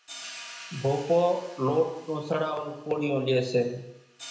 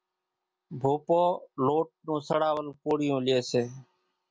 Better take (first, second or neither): second